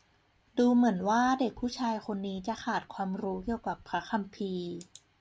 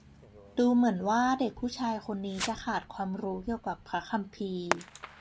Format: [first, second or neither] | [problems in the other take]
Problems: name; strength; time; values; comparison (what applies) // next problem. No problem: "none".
first | background sound (Fireworks); 12 dB below the speech